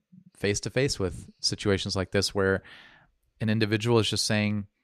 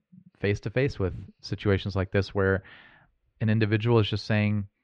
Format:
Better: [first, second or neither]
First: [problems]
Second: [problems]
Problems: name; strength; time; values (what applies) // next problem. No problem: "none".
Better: first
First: none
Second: muffled; slightly; fading above 3 kHz